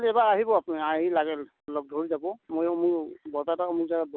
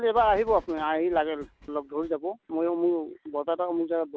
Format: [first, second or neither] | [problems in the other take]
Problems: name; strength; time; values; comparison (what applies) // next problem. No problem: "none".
first | background sound (Train); 20 dB below the speech